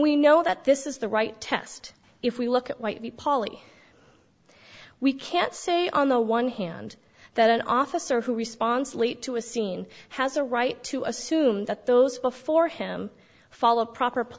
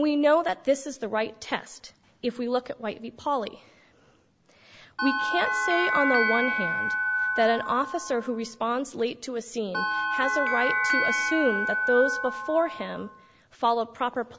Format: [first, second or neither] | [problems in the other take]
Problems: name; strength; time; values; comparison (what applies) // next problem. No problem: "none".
first | background sound (Bell); 1 dB above the speech